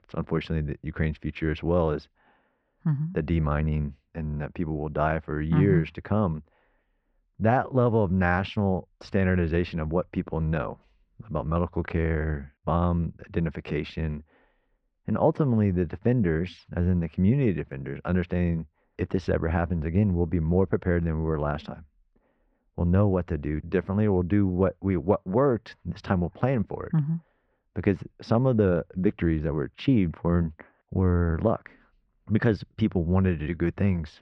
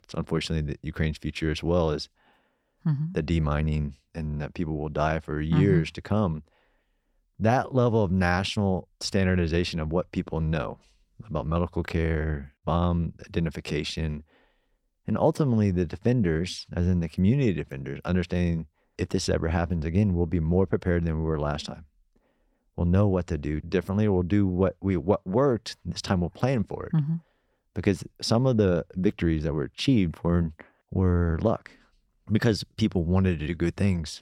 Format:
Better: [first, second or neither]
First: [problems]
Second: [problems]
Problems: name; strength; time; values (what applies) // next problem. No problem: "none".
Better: second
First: muffled; very; fading above 2 kHz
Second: none